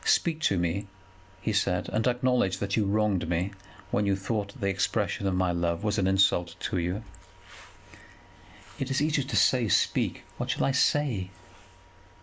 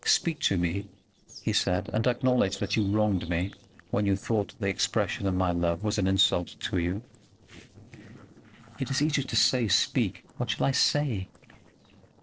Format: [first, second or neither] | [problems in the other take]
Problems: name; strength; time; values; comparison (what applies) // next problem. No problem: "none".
first | noise reduction (neural separator model SepFormer DNS4)